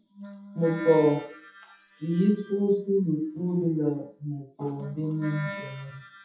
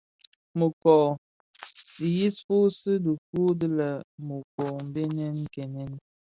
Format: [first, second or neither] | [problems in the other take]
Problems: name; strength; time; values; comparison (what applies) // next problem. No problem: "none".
second | noise reduction (classical method WPE with log-MMSE)